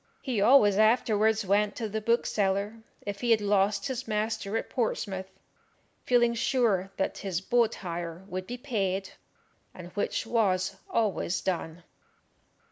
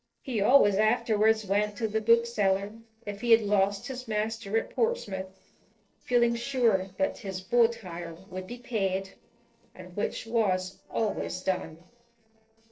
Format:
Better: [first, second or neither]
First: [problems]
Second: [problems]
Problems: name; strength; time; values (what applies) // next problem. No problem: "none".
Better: first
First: none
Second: noise reduction (neural separator model SepFormer DNS4)